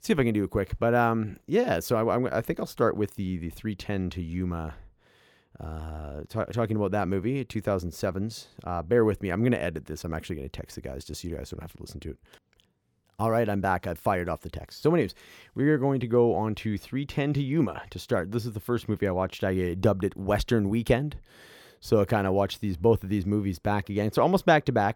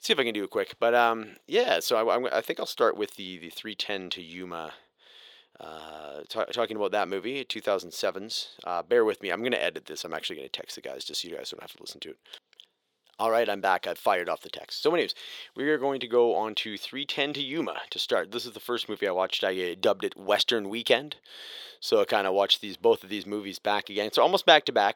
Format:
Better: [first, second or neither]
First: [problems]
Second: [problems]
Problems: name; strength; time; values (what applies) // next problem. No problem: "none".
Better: first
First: none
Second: thin; somewhat; fading below 500 Hz